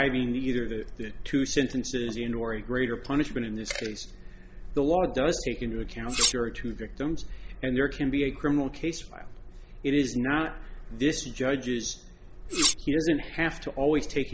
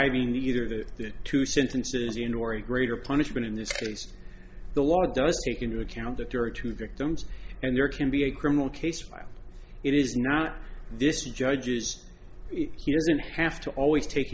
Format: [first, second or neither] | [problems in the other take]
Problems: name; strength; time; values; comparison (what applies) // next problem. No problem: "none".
second | background sound (Cutlery, silverware); as loud as the speech